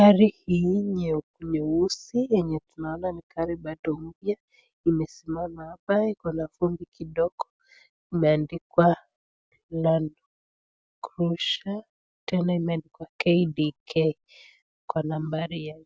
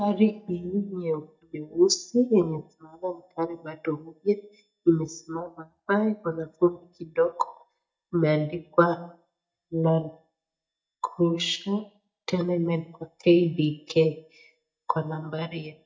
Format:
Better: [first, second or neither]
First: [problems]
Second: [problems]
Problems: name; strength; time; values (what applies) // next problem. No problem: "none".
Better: first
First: none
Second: noise reduction (neural mask model DeepFilterNet 3)